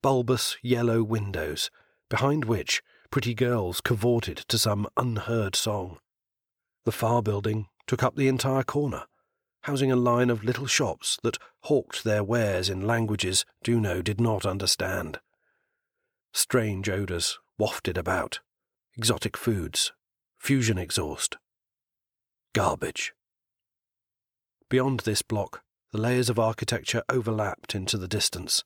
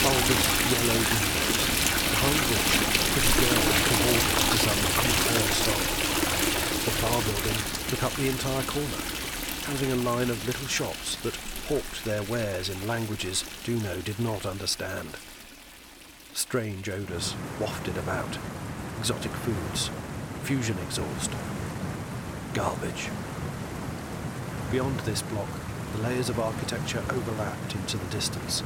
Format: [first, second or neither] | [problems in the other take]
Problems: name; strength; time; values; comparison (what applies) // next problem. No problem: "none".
first | rain or running water; very loud; throughout; 4 dB above the speech